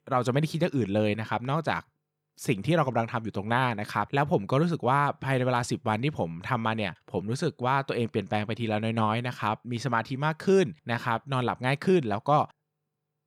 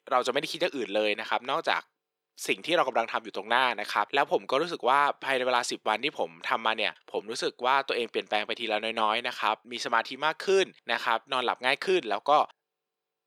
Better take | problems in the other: first | thin; very; fading below 350 Hz

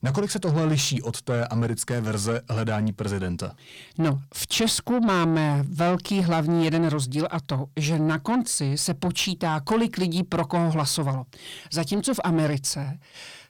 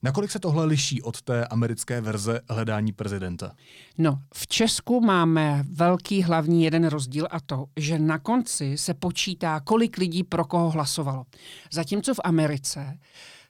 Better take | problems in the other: second | distortion; slight; 10 dB below the speech

